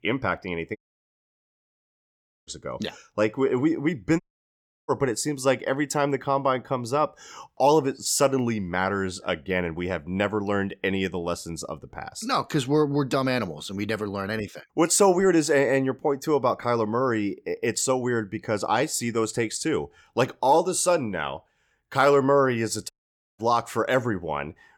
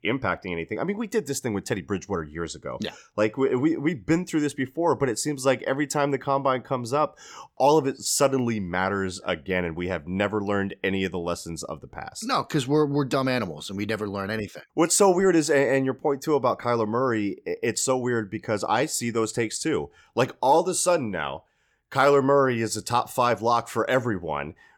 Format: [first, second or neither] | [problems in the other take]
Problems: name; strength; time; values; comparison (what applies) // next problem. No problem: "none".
second | audio cutting out; at 1 s for 1.5 s, at 4 s for 0.5 s and at 23 s